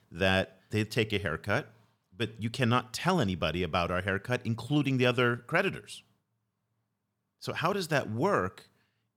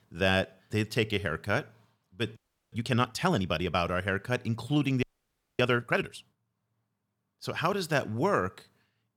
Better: first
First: none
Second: audio freezing; at 2.5 s and at 5 s for 0.5 s

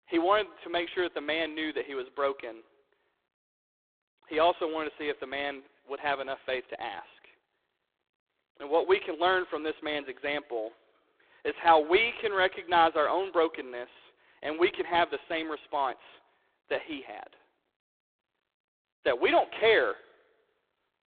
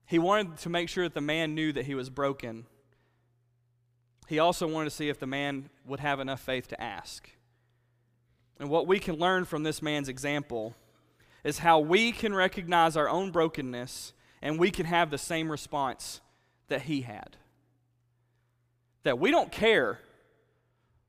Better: second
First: phone-call audio; poor line; nothing above 3.5 kHz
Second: none

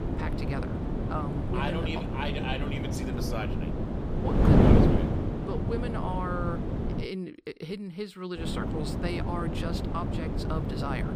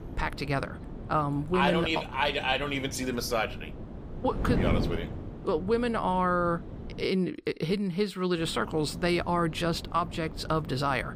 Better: second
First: wind noise on the microphone; heavy; until 7 s and from 8.5 s on; 2 dB above the speech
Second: wind noise on the microphone; occasional gusts; until 7 s and from 8.5 s on; 15 dB below the speech

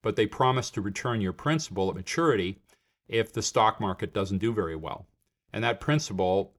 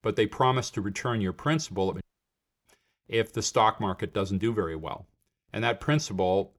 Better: first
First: none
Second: audio cutting out; at 2 s for 0.5 s

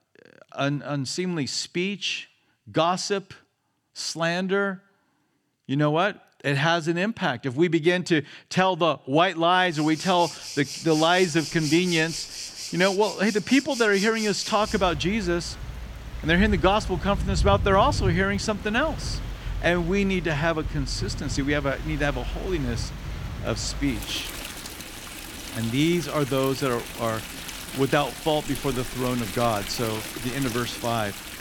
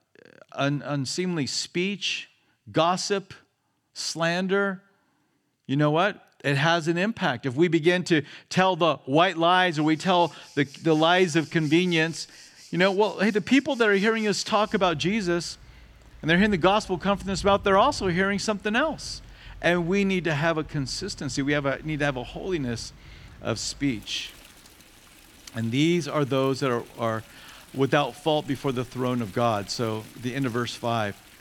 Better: second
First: rain or running water; loud; from 10 s on; 9 dB below the speech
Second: rain or running water; faint; from 10 s on; 25 dB below the speech

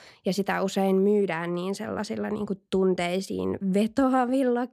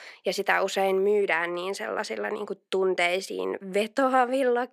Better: first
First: none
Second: thin; somewhat; fading below 450 Hz

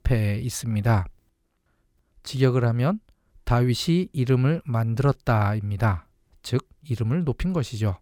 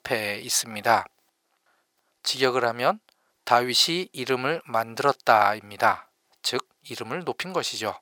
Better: first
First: none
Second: thin; very; fading below 600 Hz

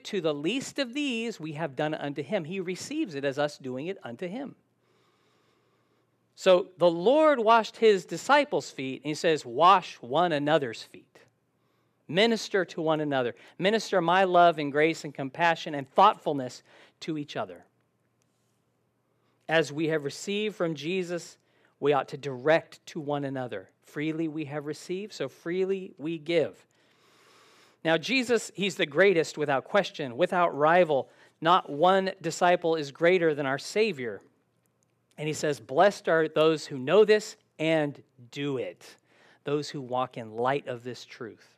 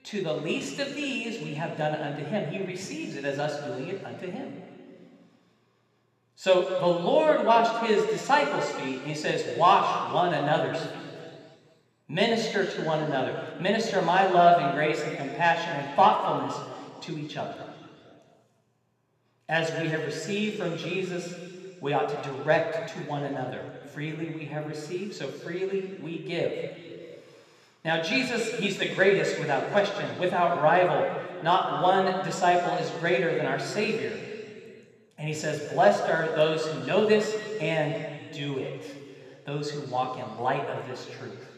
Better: first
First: none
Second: room echo; noticeable; dies away in 2.3 s

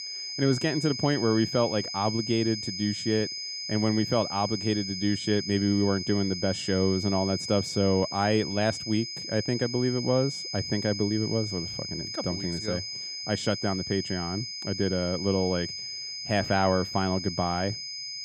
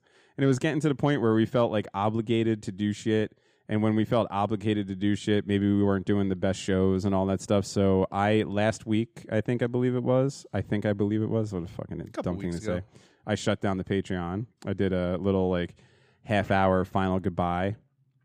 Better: second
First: high-pitched whine; loud; throughout; 5 kHz, 5 dB below the speech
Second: none

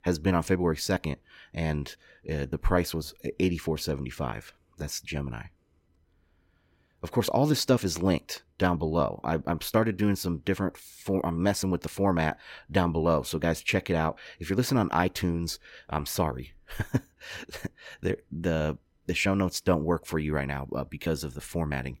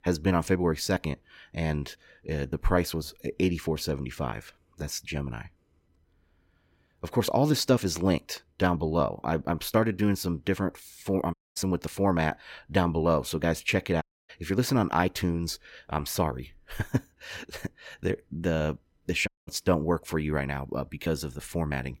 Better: first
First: none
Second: audio cutting out; at 11 s, at 14 s and at 19 s

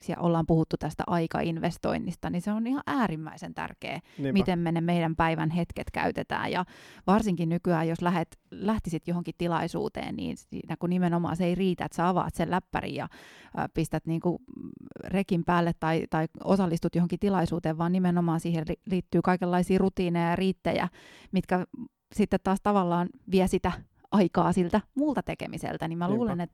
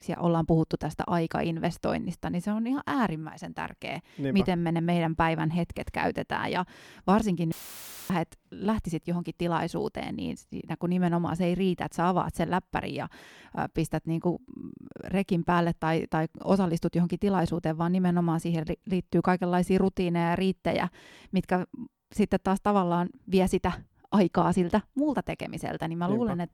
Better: first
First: none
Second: audio cutting out; filled with static; at 7.5 s for 0.5 s

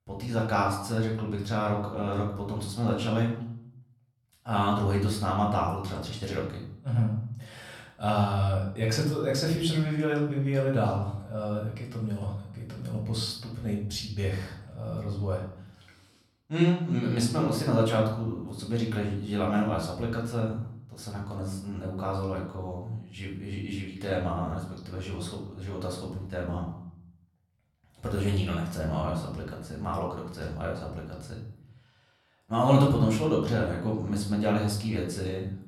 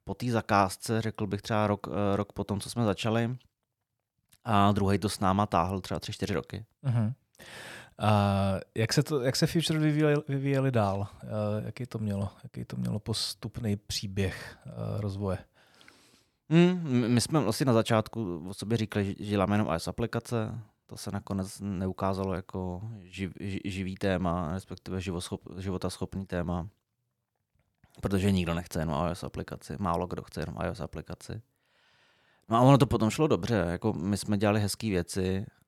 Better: second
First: room echo; noticeable; dies away in 0.6 s // off-mic speech; far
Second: none

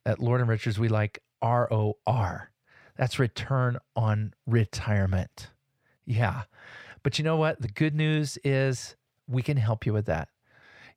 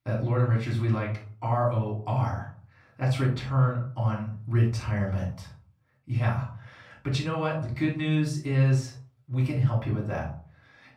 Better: first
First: none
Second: off-mic speech; far // room echo; slight; dies away in 0.4 s

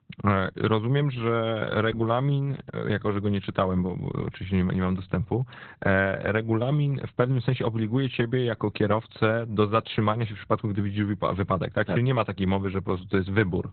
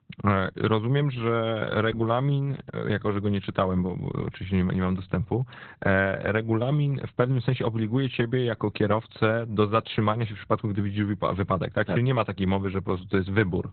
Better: neither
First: garbled, watery; badly; nothing above 4 kHz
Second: garbled, watery; badly; nothing above 4 kHz

